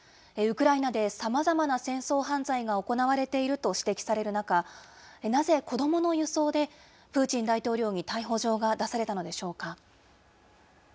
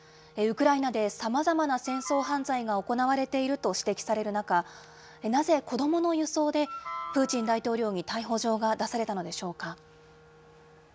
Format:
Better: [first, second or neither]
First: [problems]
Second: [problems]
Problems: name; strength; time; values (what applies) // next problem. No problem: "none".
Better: first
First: none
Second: background sound (Wind instrument, woodwind instrument + Wind instrument, woodwind instrument); 18 dB below the speech